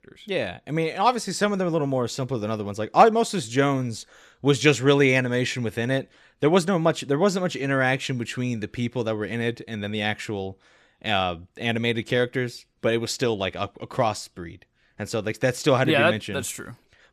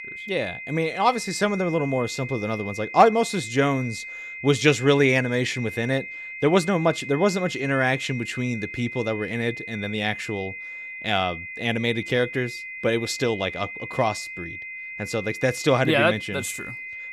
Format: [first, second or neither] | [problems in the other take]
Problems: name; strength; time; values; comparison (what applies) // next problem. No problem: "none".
first | high-pitched whine; loud; throughout; 2 kHz, 10 dB below the speech